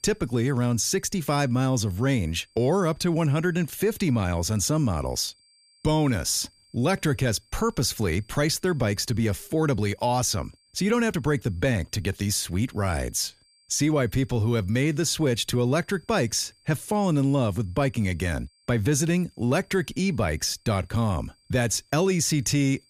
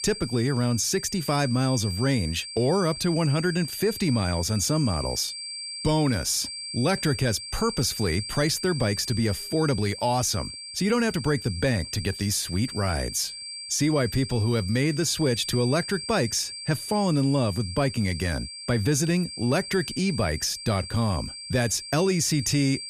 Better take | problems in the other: first | high-pitched whine; loud; throughout; 4.5 kHz, 9 dB below the speech; faint in the first

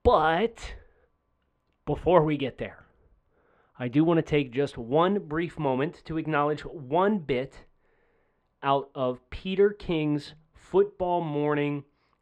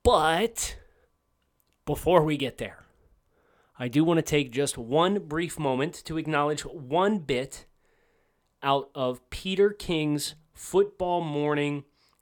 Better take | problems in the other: second | muffled; very; fading above 2.5 kHz

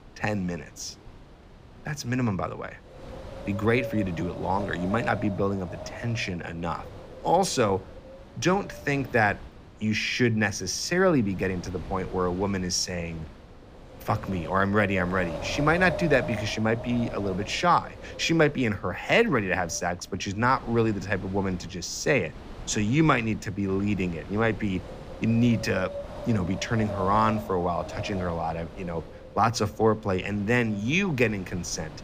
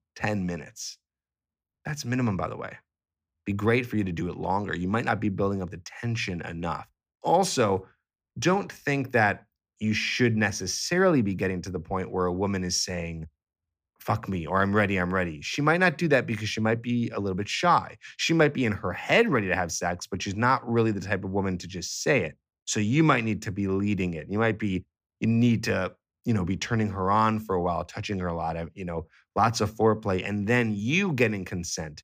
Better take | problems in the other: second | wind noise on the microphone; occasional gusts; 15 dB below the speech

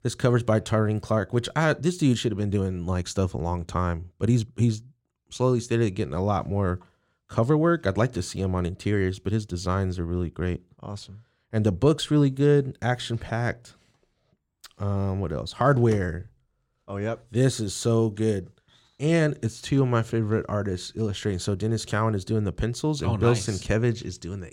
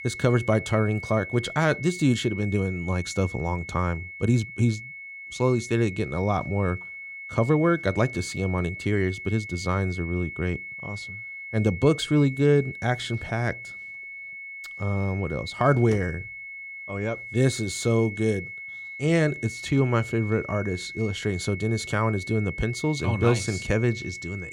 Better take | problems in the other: first | high-pitched whine; noticeable; throughout; 2 kHz, 10 dB below the speech

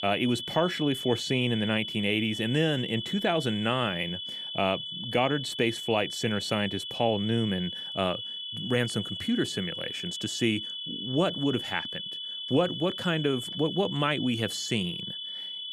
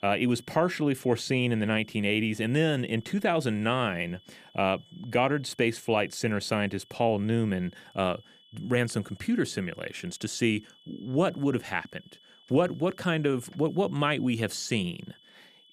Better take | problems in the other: second | high-pitched whine; loud; throughout; 3 kHz, 5 dB below the speech; faint in the second

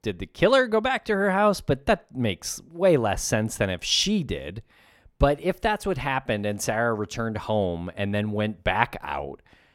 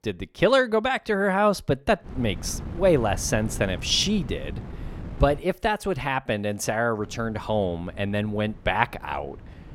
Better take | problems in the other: first | wind noise on the microphone; occasional gusts; from 2 to 5.5 s and from 7 s on; 20 dB below the speech

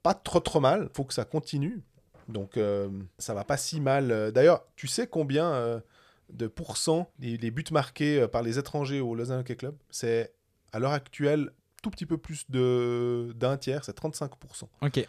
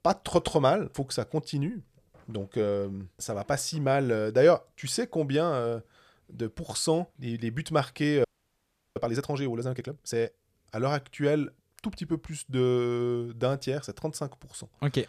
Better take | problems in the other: first | audio freezing; at 8 s for 0.5 s

